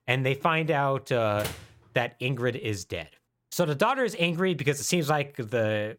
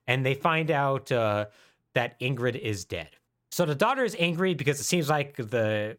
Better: second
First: door banging; noticeable; at 1.5 s; peak 9 dB below the speech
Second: none

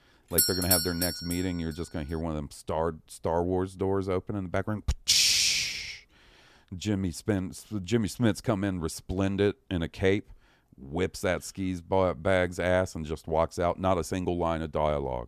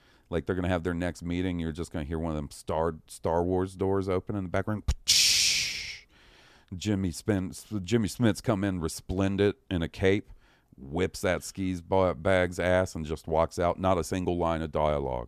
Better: second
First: doorbell; loud; at 0.5 s; peak 6 dB above the speech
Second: none

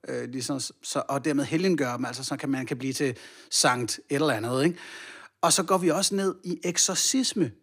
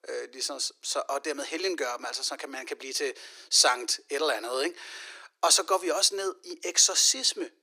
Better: first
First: none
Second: thin; very; fading below 400 Hz

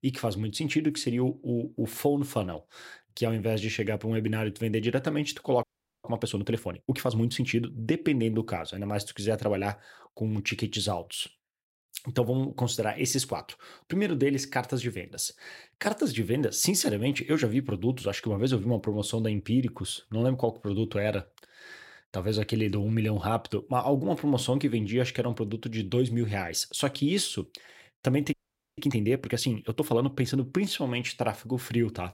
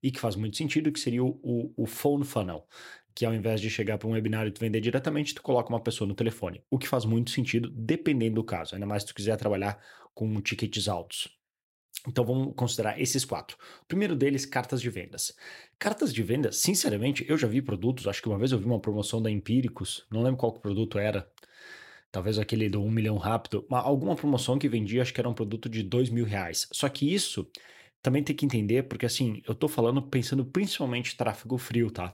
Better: second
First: audio freezing; at 5.5 s and at 28 s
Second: none

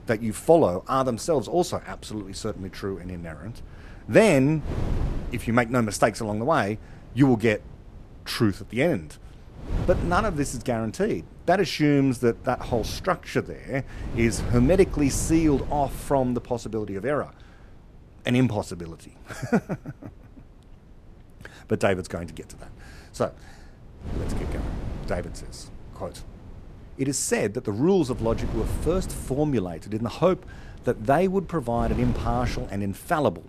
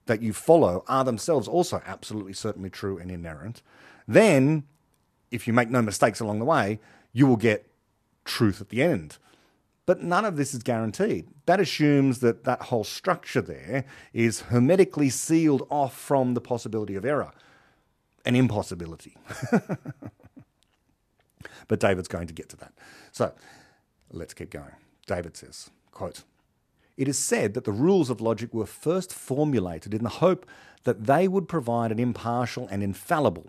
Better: second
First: wind noise on the microphone; occasional gusts; 20 dB below the speech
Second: none

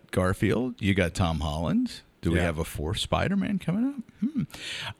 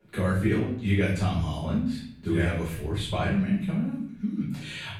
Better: first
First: none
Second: room echo; noticeable; dies away in 0.6 s // off-mic speech; far

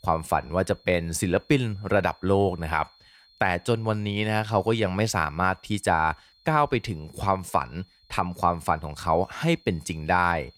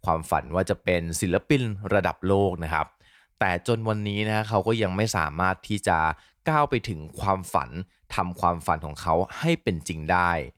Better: second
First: high-pitched whine; faint; throughout; 4 kHz, 30 dB below the speech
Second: none

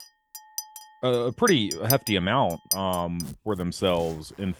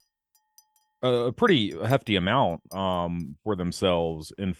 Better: second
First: household noises; loud; throughout; 6 dB below the speech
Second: household noises; faint; throughout; 30 dB below the speech

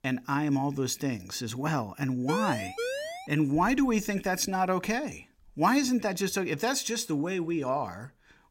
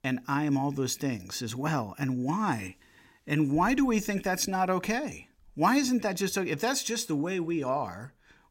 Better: second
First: siren; noticeable; at 2.5 s; peak 4 dB below the speech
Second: none

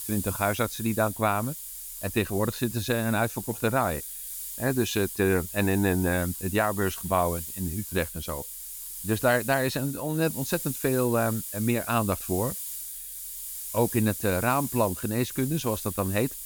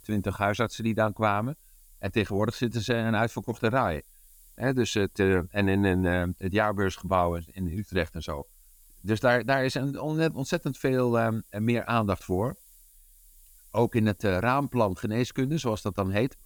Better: second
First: hiss; loud; throughout; 7 dB below the speech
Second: hiss; faint; throughout; 25 dB below the speech

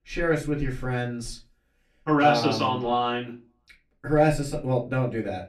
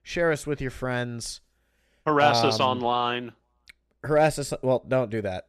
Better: second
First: off-mic speech; far // room echo; very slight; dies away in 0.3 s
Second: none

